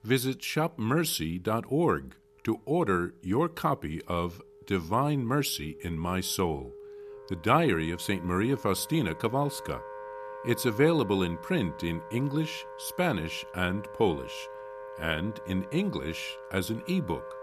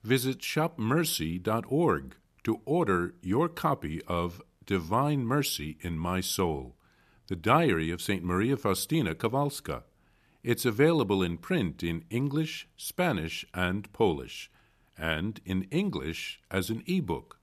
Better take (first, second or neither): second